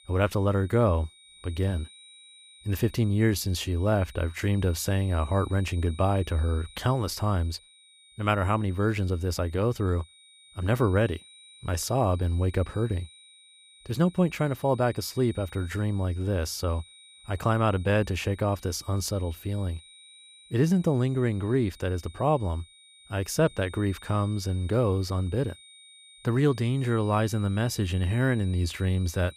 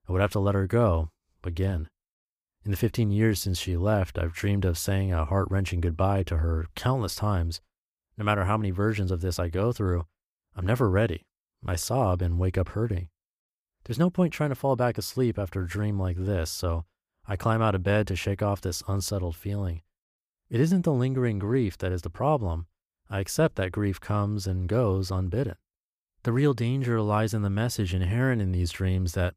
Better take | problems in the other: second | high-pitched whine; faint; throughout; 4 kHz, 25 dB below the speech

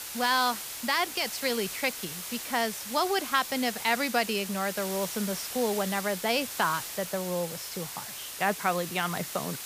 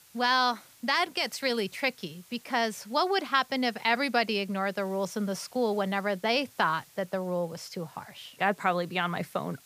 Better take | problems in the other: second | hiss; loud; throughout; 6 dB below the speech; faint in the second

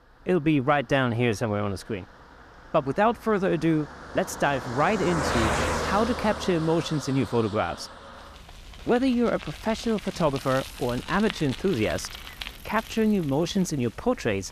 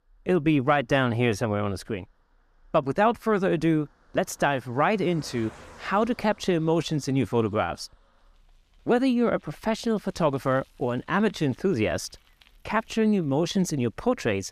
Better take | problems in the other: second | traffic noise; loud; throughout; 8 dB below the speech; faint in the second

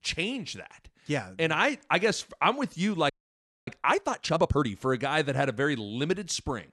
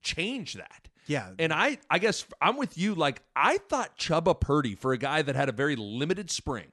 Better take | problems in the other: second | audio freezing; at 3 s for 0.5 s

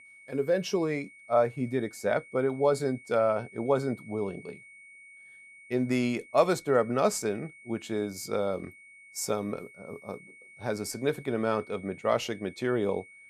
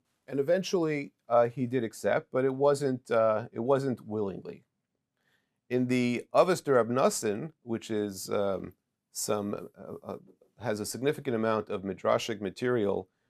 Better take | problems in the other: second | high-pitched whine; faint; throughout; 2 kHz, 20 dB below the speech

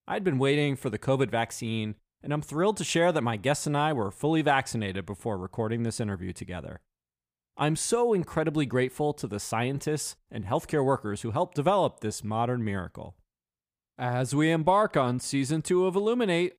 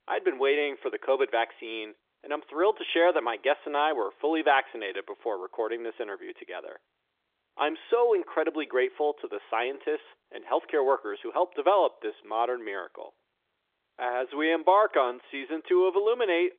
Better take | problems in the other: first | phone-call audio; nothing above 3.5 kHz

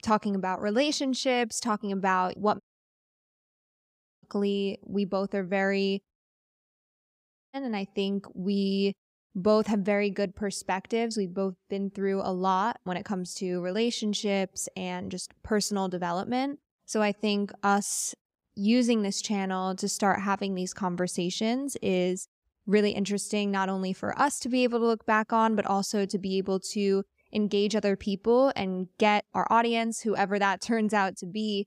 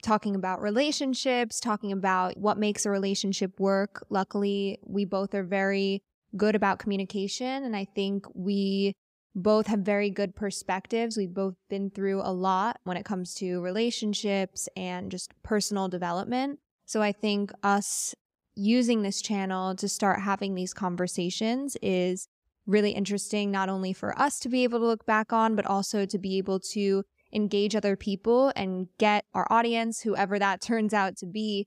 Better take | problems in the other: second | audio cutting out; at 2.5 s for 1.5 s and at 6 s for 1.5 s

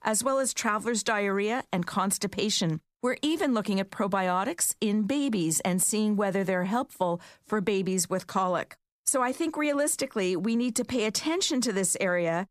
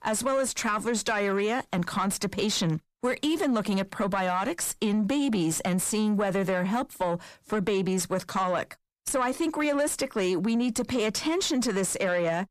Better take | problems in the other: first | distortion; slight; 10 dB below the speech

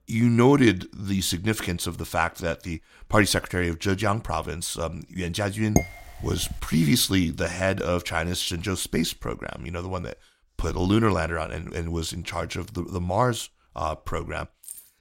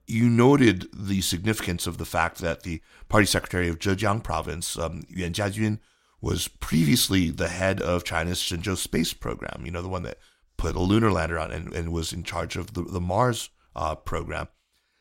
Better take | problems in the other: second | clattering dishes; noticeable; at 6 s; peak level with the speech // jangling keys; faint; at 14 s; peak 15 dB below the speech

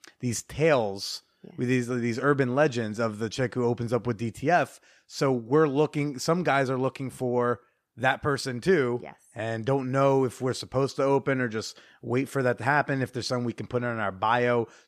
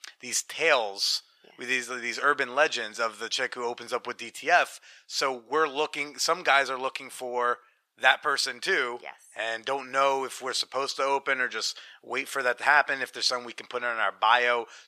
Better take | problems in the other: first | thin; very; fading below 800 Hz

